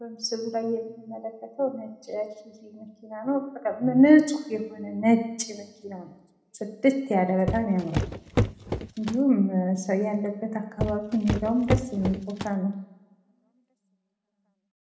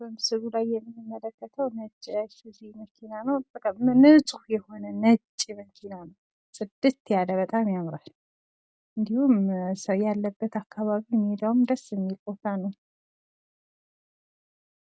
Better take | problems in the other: second | background sound (Walk, footsteps); 3 dB below the speech // room echo; dies away in 0.8 s

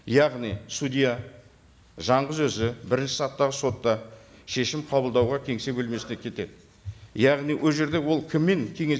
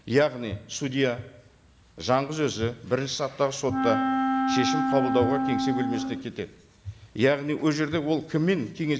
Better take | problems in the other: first | background sound (Wind instrument, woodwind instrument); as loud as the speech

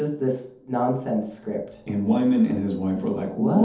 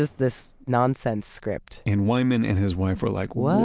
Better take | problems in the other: second | room echo; dies away in 0.6 s

